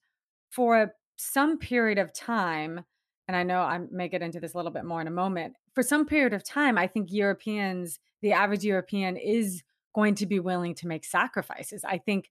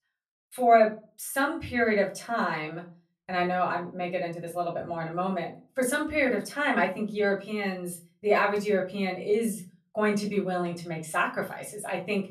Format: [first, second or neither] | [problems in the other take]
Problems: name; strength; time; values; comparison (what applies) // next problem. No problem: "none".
first | off-mic speech; far // room echo; very slight; dies away in 0.3 s